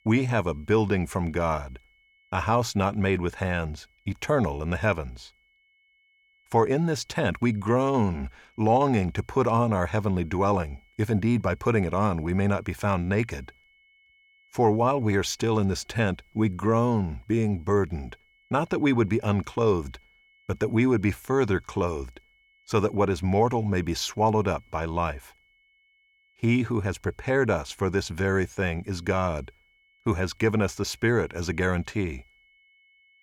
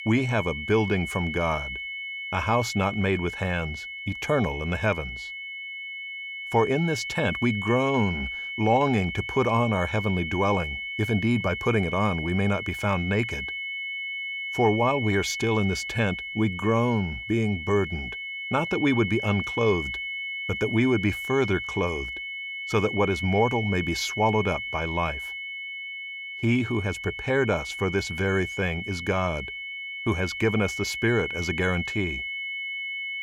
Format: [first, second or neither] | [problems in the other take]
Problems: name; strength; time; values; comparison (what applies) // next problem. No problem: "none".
first | high-pitched whine; loud; throughout; 2 kHz, 6 dB below the speech; faint in the first